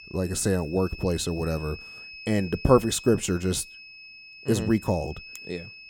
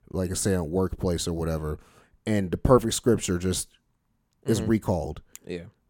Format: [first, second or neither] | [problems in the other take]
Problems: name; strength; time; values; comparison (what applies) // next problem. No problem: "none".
second | high-pitched whine; noticeable; throughout; 2.5 kHz, 15 dB below the speech